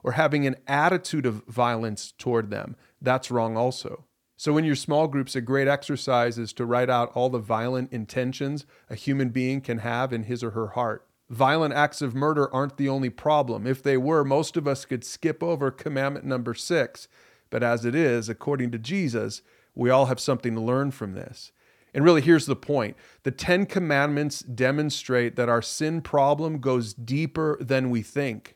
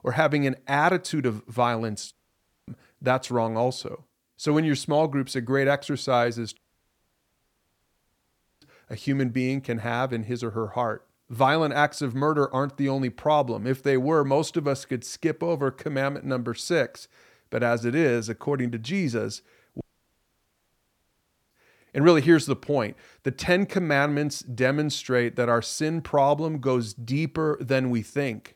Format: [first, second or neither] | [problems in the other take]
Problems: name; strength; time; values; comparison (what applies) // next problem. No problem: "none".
first | audio cutting out; at 2 s for 0.5 s, at 6.5 s for 2 s and at 20 s for 1.5 s